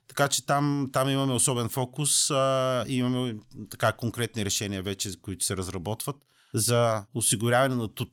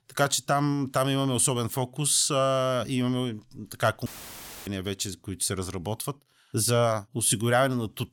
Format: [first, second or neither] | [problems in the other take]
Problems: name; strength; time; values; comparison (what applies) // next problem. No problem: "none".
first | audio cutting out; filled with static; at 4 s for 0.5 s